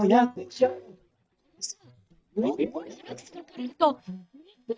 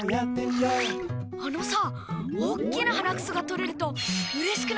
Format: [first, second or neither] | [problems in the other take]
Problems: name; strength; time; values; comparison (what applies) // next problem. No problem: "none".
second | noise reduction (neural mask model DeepFilterNet 3)